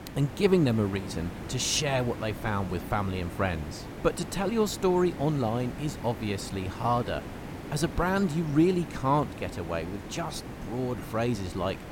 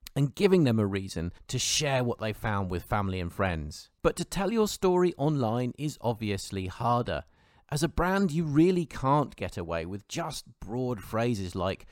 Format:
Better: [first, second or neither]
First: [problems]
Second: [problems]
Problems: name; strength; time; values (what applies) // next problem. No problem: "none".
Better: second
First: hiss; noticeable; throughout; 10 dB below the speech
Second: none